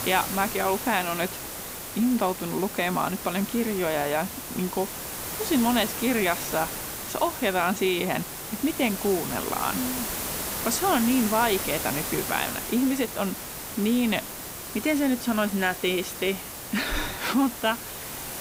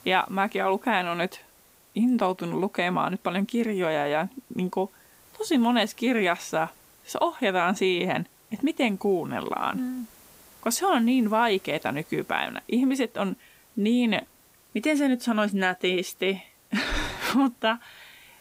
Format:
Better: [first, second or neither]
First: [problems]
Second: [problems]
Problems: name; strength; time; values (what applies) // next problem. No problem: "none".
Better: second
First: hiss; loud; throughout; 5 dB below the speech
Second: hiss; faint; throughout; 25 dB below the speech